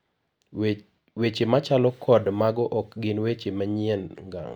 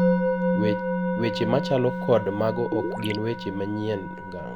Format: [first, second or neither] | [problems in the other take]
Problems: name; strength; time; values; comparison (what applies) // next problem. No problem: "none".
first | background sound (Musical instrument + Gurgling); as loud as the speech